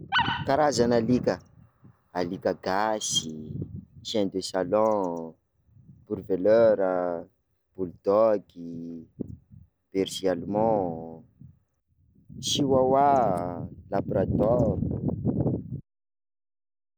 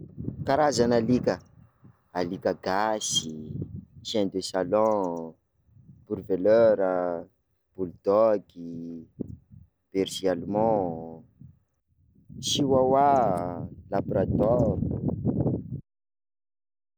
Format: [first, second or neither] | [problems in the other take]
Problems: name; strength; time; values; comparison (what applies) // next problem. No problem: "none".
second | background sound (Animal); 2 dB below the speech